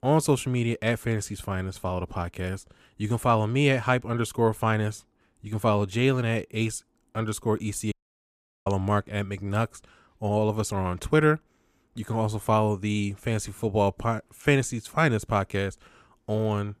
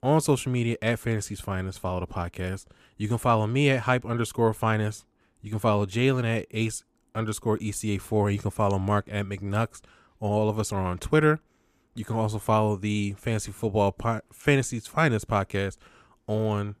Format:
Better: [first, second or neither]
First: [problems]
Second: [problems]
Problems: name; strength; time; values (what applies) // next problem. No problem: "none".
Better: second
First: audio cutting out; at 8 s for 0.5 s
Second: none